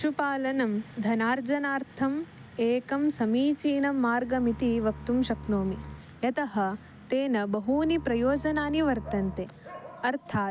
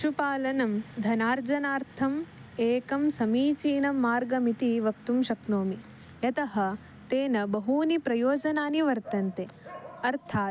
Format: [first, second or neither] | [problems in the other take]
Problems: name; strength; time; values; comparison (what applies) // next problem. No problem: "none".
second | background sound (Bowed string instrument); 15 dB below the speech